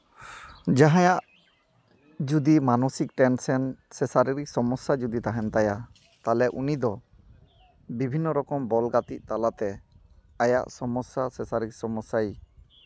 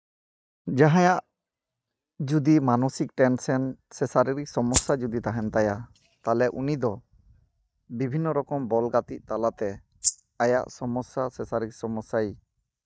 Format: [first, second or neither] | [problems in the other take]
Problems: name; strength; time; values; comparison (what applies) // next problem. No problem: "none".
first | noise reduction (neural mask model DeepFilterNet 3)